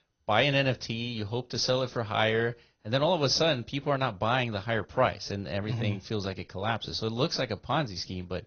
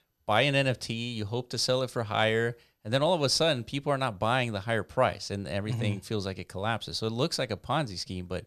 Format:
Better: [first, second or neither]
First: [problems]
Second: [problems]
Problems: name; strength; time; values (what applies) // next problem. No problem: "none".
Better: second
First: garbled, watery; slightly; nothing above 6 kHz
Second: none